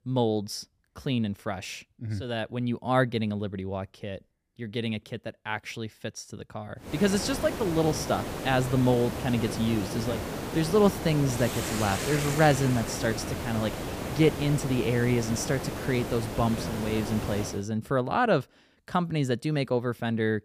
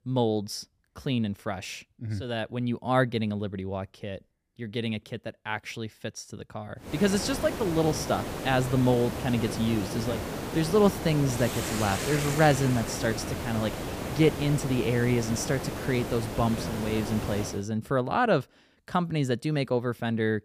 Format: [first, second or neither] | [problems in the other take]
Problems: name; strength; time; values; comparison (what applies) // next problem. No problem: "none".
neither | hiss; loud; from 7 to 18 s; 6 dB below the speech; the same in both